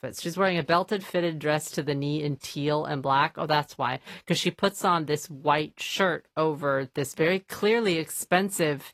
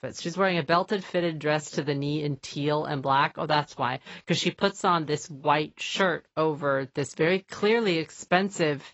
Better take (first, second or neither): first